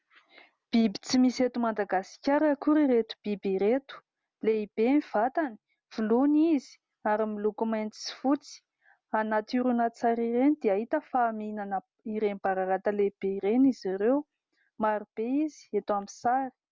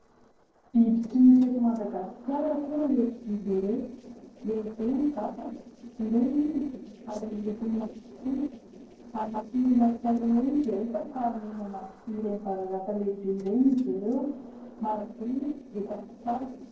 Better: first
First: none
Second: noise reduction (neural separator model SepFormer DNS4)

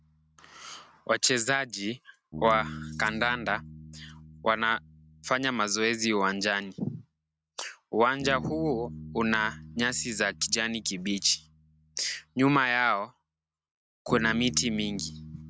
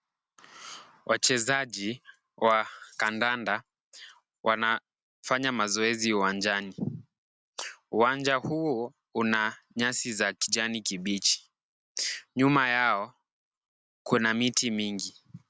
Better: second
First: background sound (Bass guitar); 15 dB below the speech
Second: none

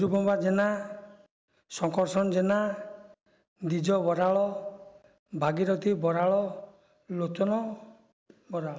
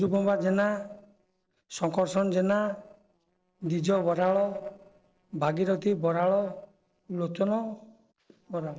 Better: first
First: none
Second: noise reduction (neural separator model SepFormer DNS4)

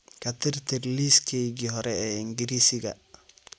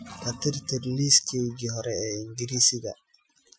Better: first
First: none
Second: noise reduction (classical method Wiener filter)

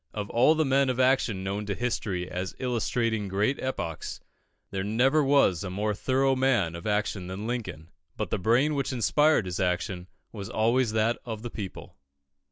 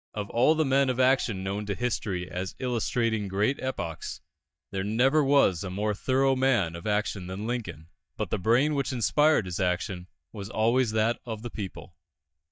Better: first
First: none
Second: noise reduction (neural mask model DeepFilterNet 3)

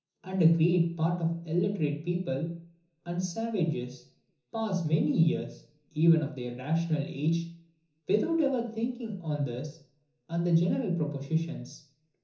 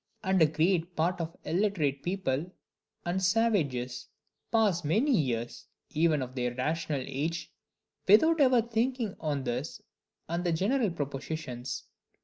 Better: second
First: room echo; dies away in 0.7 s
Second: none

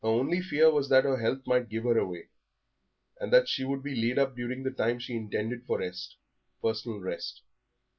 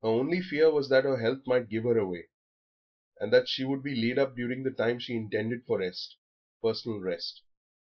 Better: first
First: none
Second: noise reduction (neural mask model Resemble Enhance denoiser)

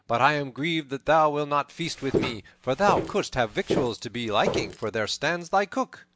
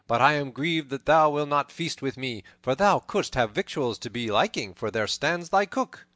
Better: second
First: background sound (Walk, footsteps); 5 dB below the speech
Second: none

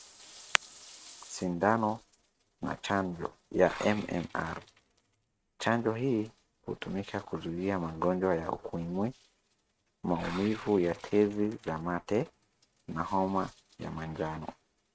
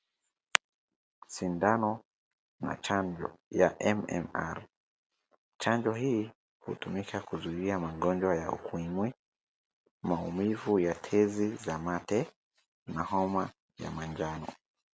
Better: second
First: noise reduction (neural mask model RNNoise)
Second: none

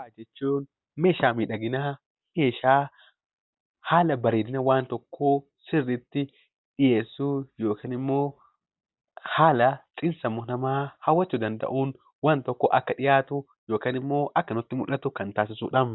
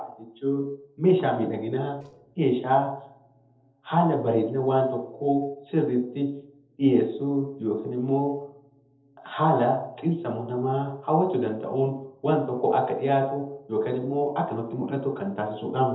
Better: first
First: none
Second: noise reduction (neural separator model SepFormer DNS4)

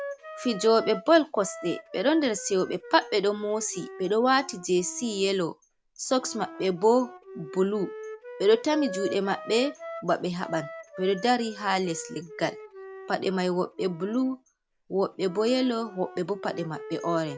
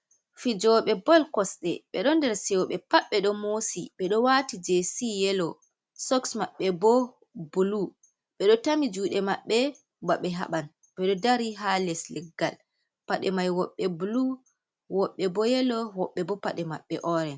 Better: second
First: background sound (Wind instrument, woodwind instrument); 15 dB below the speech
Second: none

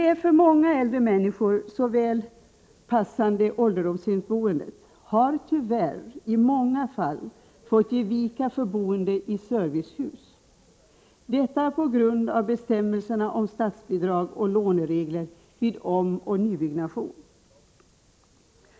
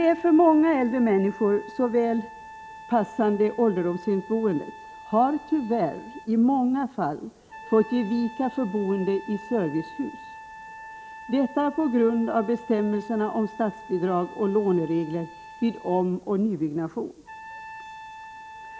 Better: first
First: none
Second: background sound (Trumpet); 18 dB below the speech

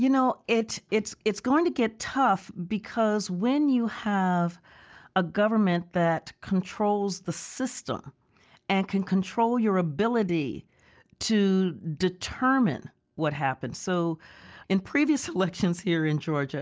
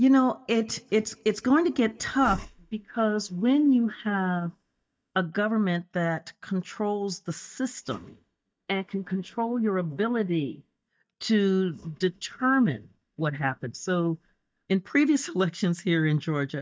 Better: first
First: none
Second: noise reduction (neural mask model DeepFilterNet 3)

